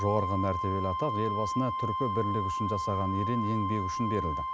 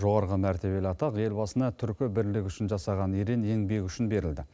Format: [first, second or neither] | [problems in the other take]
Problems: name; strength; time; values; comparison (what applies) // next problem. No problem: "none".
second | background sound (Wind instrument, woodwind instrument); 1 dB below the speech